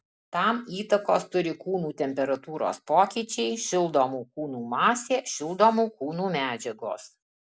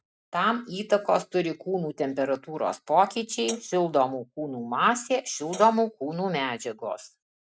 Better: first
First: none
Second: noise reduction (neural mask model RNNoise)

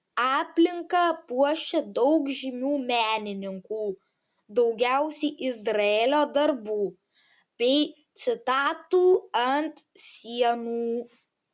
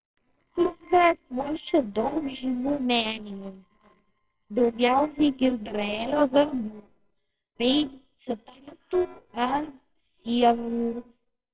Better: first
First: none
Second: noise reduction (neural separator model SepFormer WHAMR!)

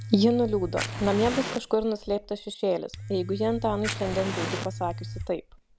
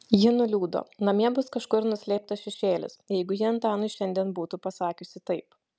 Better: second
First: background sound (Fire + Domestic sounds, home sounds); 8 dB below the speech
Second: none

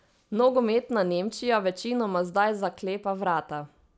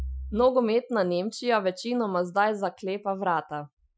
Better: first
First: none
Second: noise reduction (classical method Wiener filter)

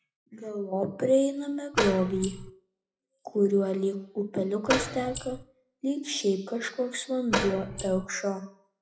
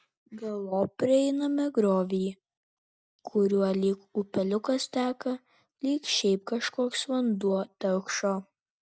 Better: second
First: noise reduction (classical method WPE with log-MMSE)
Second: none

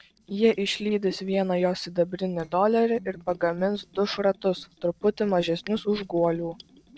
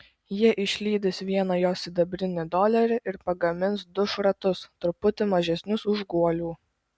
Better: second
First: noise reduction (neural separator model SepFormer DNS4)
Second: none

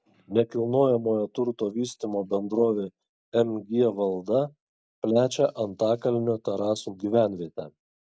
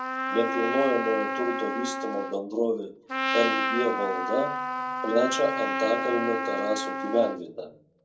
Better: first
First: none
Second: background sound (Trumpet); 2 dB below the speech // room echo; dies away in 0.2 s

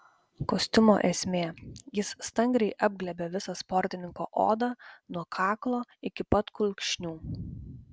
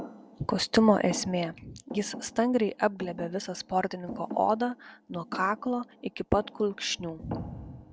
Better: first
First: none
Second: background sound (Thump, thud); 15 dB below the speech

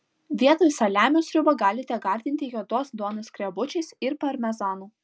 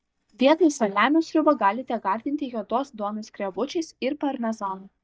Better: first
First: none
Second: noise reduction (neural mask model DeepFilterNet 3)

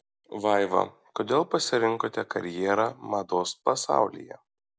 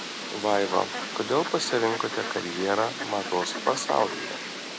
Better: first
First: none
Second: background sound (Fowl); 6 dB below the speech

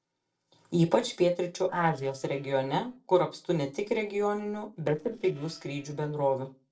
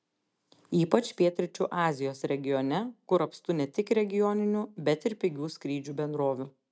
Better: second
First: noise reduction (neural separator model SepFormer DNS4)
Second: none

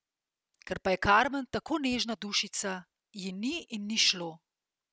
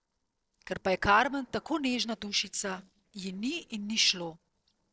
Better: first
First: none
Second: noise reduction (neural separator model SepFormer DNS4)

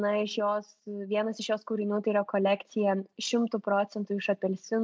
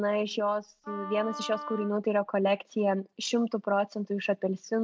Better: first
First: none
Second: background sound (Wind instrument, woodwind instrument); 13 dB below the speech

